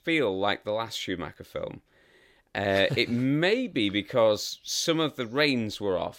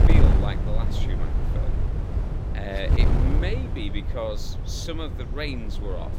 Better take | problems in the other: first | wind noise on the microphone; heavy; 3 dB below the speech

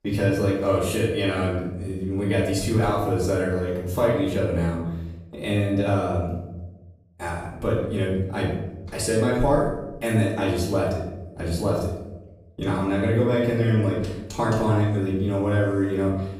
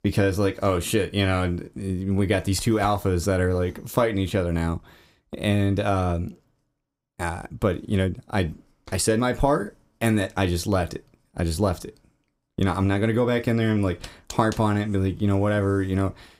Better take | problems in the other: second | off-mic speech; far // room echo; noticeable; dies away in 0.8 s

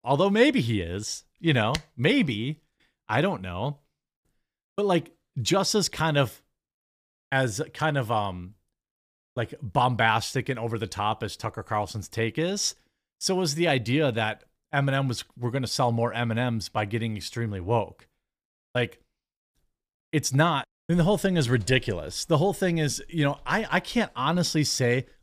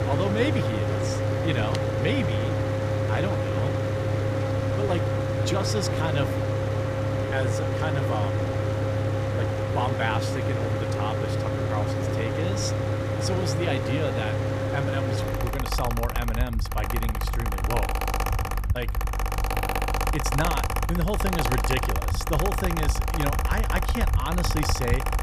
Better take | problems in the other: first | machinery noise; very loud; throughout; 5 dB above the speech

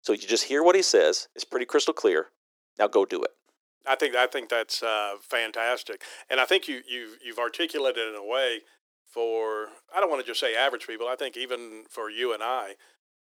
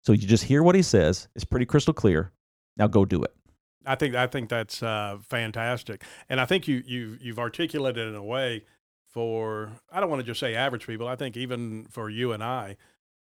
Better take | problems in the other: second | thin; very; fading below 350 Hz

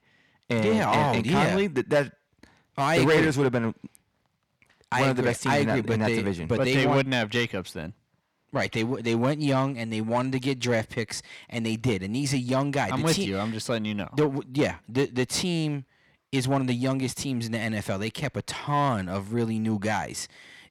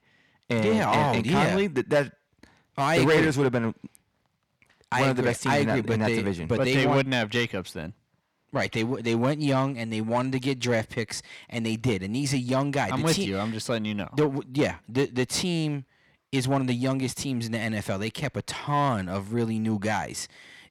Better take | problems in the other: neither | distortion; slight; 10 dB below the speech; the same in both

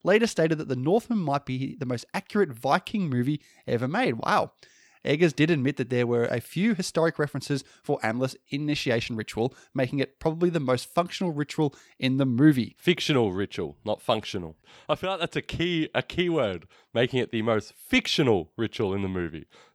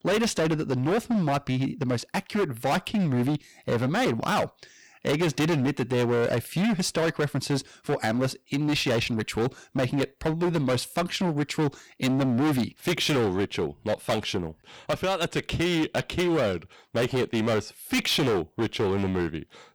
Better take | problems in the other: first | distortion; heavy; 19% of the sound clipped

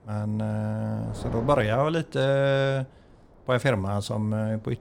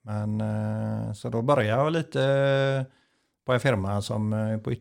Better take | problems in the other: second | wind noise on the microphone; occasional gusts; 20 dB below the speech

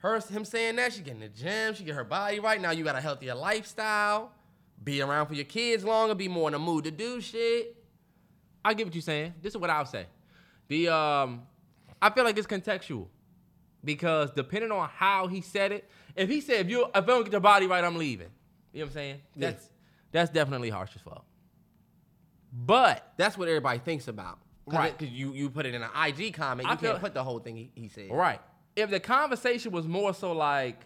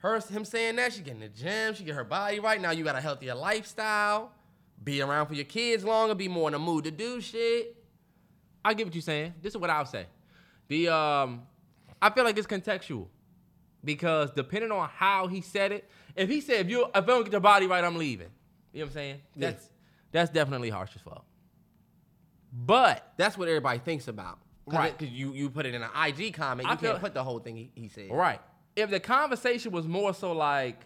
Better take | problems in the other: neither | none

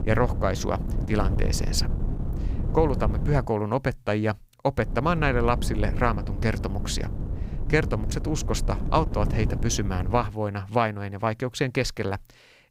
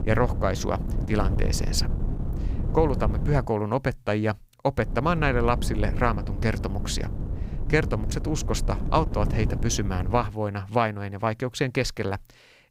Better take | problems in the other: neither | wind noise on the microphone; occasional gusts; until 3.5 s and from 5 to 10 s; 15 dB below the speech; the same in both

